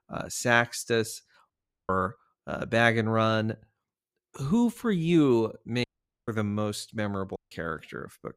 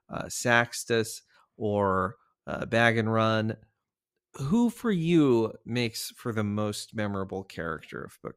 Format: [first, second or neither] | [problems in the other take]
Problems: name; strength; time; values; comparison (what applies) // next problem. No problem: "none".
second | audio cutting out; at 1.5 s, at 6 s and at 7.5 s